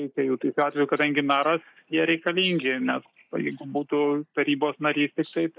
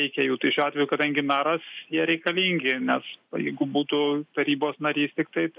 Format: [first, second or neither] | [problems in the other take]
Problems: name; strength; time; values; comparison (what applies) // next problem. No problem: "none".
second | noise reduction (neural mask model DeepFilterNet 3)